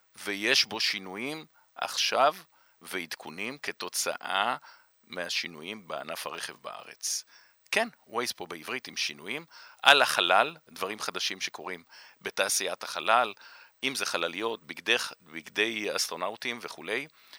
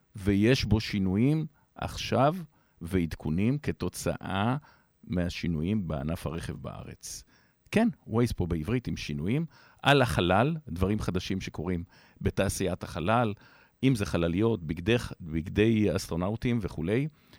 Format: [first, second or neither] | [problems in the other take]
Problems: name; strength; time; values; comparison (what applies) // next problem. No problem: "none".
second | thin; very; fading below 850 Hz